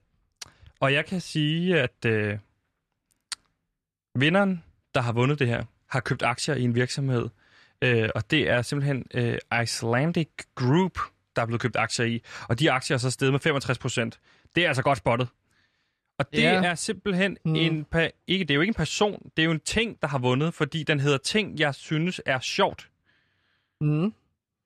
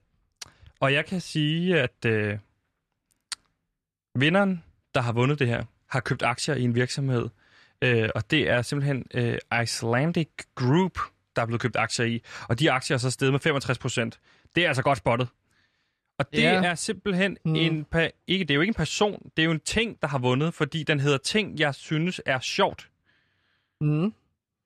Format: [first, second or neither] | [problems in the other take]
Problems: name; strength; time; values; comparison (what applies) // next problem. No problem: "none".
neither | none